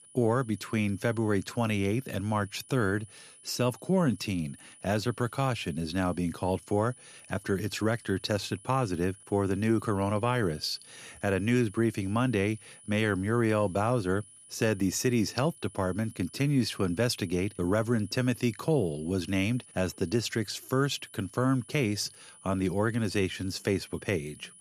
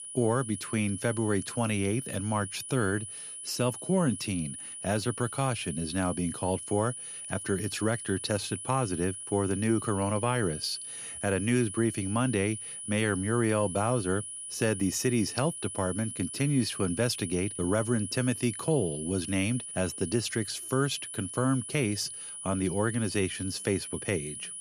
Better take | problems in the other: first | high-pitched whine; loud; throughout; 10 kHz, 8 dB below the speech; faint in the first

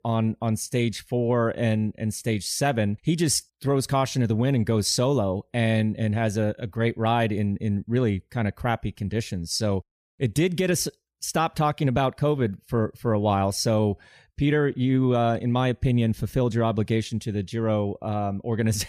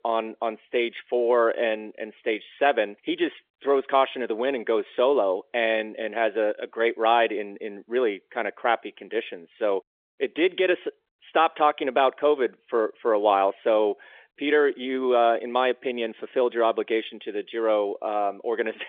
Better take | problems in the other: first | phone-call audio; nothing above 3.5 kHz

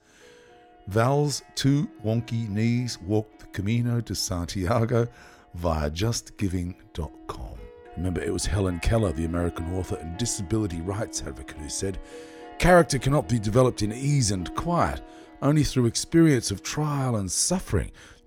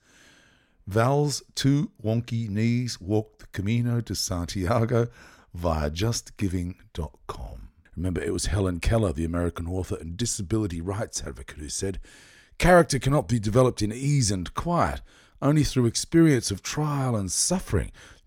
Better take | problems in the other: second | background music; faint; throughout; 20 dB below the speech

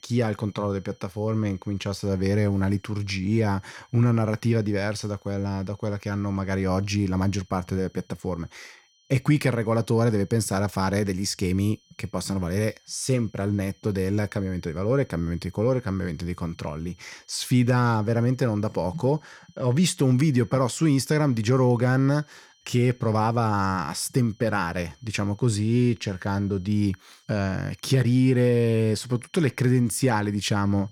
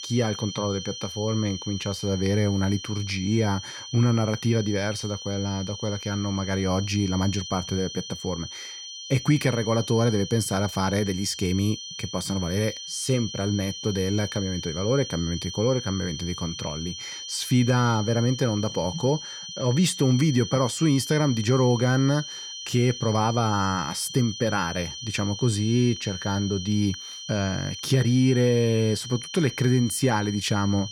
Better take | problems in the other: first | high-pitched whine; loud; throughout; 3 kHz, 9 dB below the speech; faint in the first

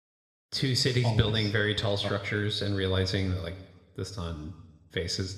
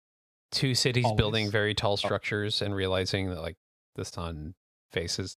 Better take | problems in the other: second | room echo; slight; dies away in 1 s

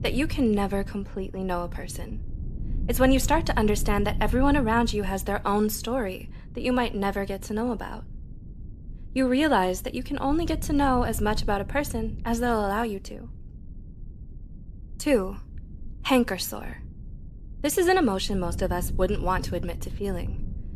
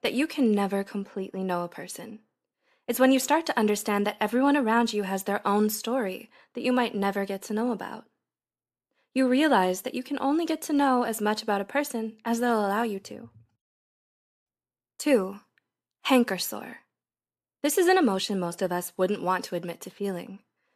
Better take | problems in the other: second | low rumble; faint; throughout; 25 dB below the speech

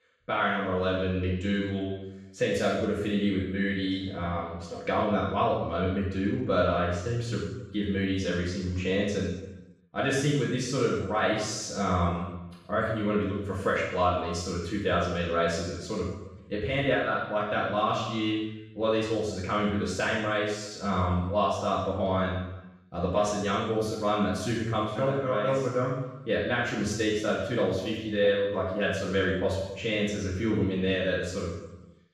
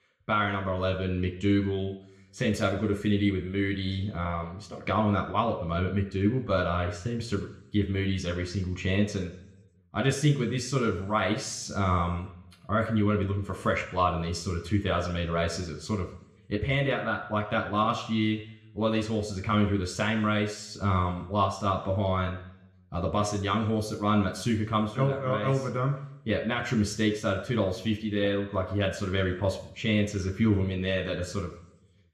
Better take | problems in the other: second | room echo; strong; dies away in 0.9 s; slight in the second // off-mic speech; far

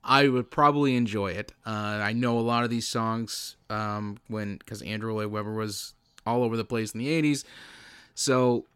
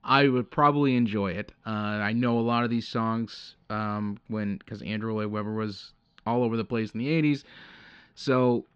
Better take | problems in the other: first | muffled; very slightly; fading above 4 kHz

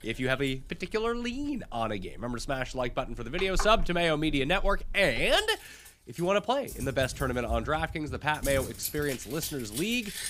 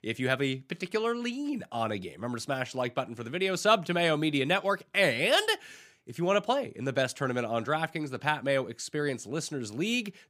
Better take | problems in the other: second | household noises; noticeable; throughout; 10 dB below the speech

